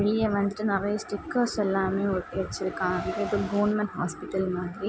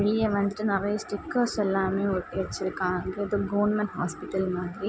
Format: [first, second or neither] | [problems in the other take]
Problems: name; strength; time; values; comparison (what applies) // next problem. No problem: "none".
second | background sound (Car); 16 dB below the speech